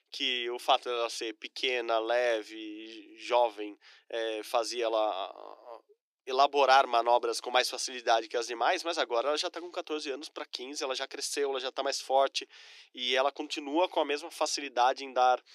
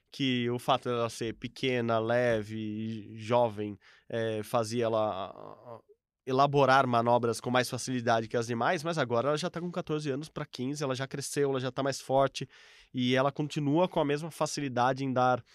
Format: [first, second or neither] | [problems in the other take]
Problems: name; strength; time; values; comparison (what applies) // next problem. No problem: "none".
second | thin; very; fading below 300 Hz